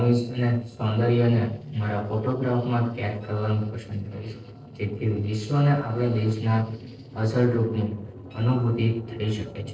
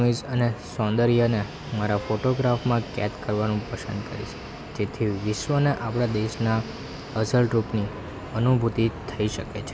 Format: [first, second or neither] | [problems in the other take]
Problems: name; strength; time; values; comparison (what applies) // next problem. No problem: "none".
second | noise reduction (neural separator model SepFormer DNS4)